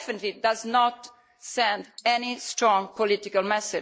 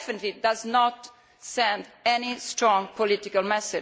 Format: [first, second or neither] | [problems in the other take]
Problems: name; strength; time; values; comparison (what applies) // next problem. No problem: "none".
second | noise reduction (neural mask model Resemble Enhance denoiser)